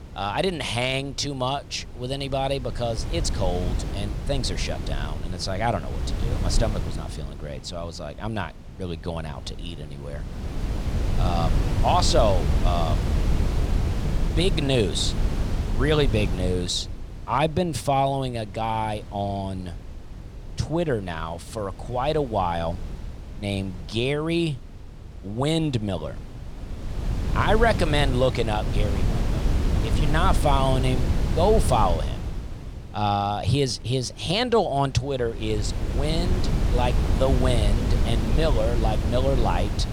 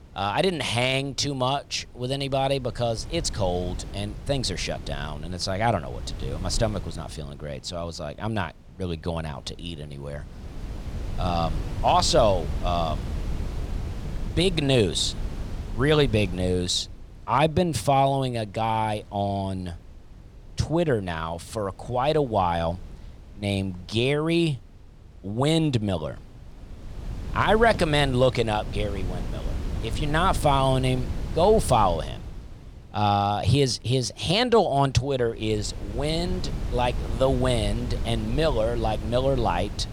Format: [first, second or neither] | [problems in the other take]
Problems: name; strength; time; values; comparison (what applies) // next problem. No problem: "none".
second | wind noise on the microphone; heavy; 10 dB below the speech; occasional gusts in the second